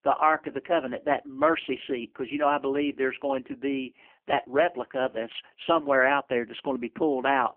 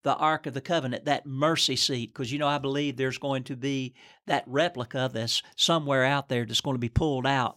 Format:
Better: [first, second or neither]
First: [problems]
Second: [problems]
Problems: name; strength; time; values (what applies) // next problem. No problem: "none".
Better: second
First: phone-call audio; poor line; nothing above 3 kHz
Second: none